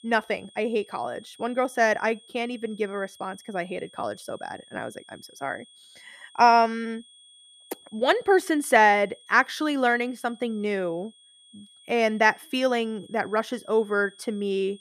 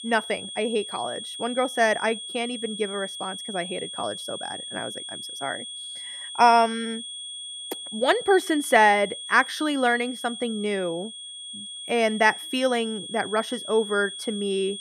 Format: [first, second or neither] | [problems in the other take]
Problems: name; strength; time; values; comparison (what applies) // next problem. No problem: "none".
first | high-pitched whine; loud; throughout; 3.5 kHz, 10 dB below the speech; faint in the first